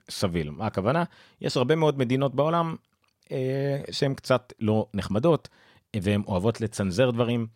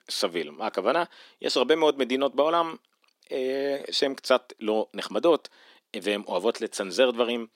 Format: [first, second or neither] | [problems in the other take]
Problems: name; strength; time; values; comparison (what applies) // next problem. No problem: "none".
first | thin; somewhat; fading below 250 Hz